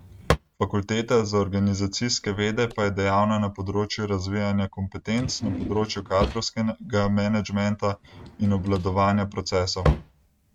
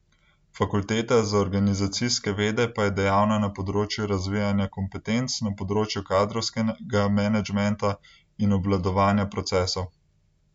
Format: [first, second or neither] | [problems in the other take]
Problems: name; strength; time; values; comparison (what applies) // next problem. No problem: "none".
second | noise reduction (neural mask model RNNoise)